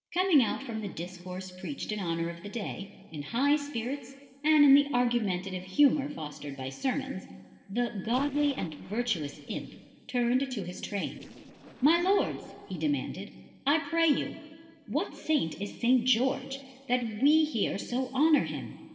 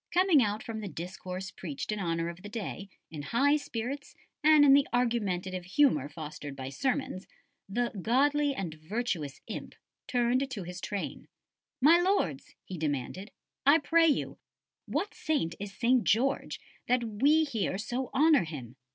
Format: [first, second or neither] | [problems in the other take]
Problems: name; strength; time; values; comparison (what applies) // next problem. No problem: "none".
second | noise reduction (neural separator model SepFormer DNS4)